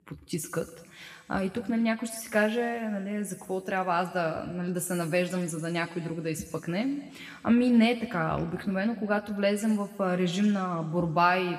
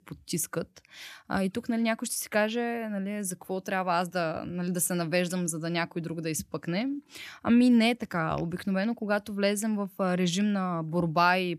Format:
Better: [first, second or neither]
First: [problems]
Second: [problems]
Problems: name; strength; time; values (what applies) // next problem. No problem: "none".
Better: second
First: room echo; slight; dies away in 2.3 s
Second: none